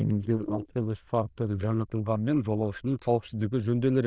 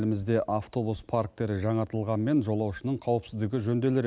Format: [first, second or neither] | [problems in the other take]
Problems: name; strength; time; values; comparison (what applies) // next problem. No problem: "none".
second | noise reduction (neural diffusion model UNIVERSE++)